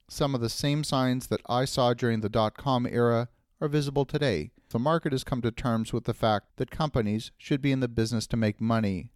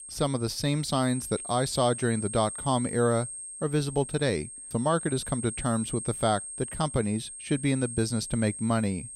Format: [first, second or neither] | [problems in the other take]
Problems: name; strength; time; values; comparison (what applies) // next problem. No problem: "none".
first | high-pitched whine; loud; throughout; 8.5 kHz, 8 dB below the speech